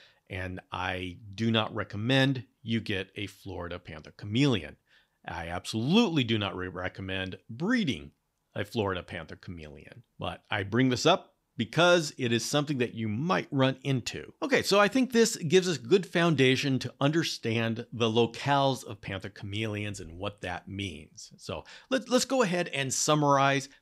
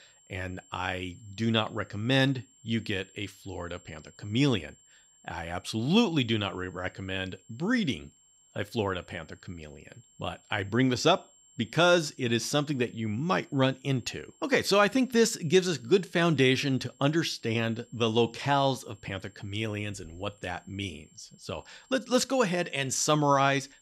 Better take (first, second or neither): first